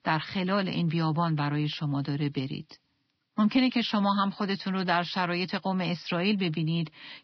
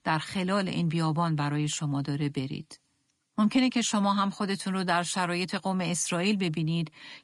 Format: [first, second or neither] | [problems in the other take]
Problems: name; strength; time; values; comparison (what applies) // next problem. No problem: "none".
second | garbled, watery; badly; nothing above 5 kHz; slightly in the second